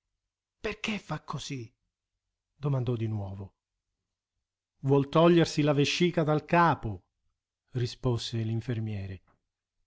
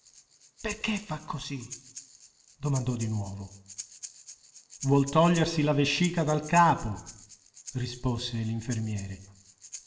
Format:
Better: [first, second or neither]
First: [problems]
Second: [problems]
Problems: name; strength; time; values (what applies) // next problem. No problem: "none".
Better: first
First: none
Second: background sound (Breathing); 17 dB below the speech // room echo; dies away in 1 s